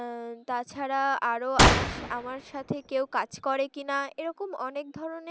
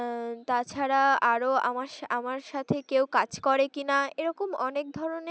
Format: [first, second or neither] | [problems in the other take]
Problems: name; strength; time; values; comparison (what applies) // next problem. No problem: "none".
second | background sound (Gunshot, gunfire); 4 dB above the speech